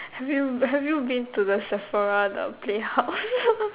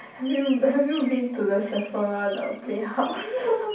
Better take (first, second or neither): first